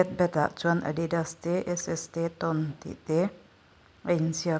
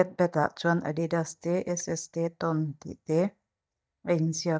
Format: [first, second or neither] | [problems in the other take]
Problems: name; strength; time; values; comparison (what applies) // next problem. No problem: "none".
first | noise reduction (neural mask model DeepFilterNet 3)